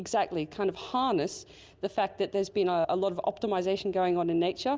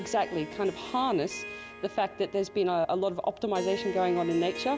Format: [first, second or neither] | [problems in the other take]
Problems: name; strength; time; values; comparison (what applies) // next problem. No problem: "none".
first | background sound (Harp); 12 dB below the speech